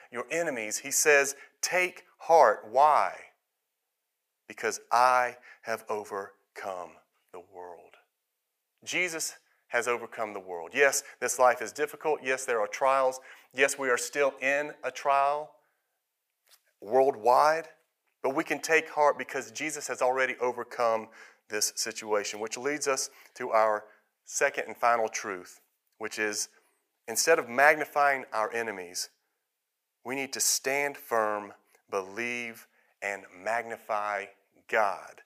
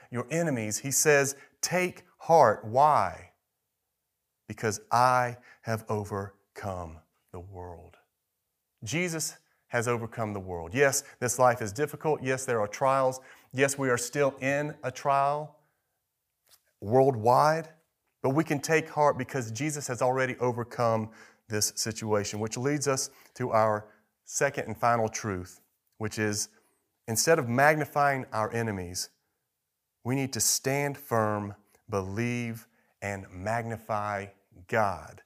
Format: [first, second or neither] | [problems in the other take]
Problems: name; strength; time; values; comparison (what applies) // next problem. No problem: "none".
second | thin; somewhat; fading below 450 Hz